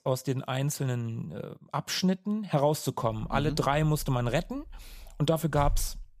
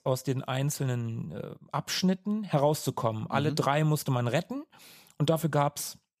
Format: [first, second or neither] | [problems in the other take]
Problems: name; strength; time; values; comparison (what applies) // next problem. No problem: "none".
second | door banging; noticeable; from 3 s on; peak 6 dB below the speech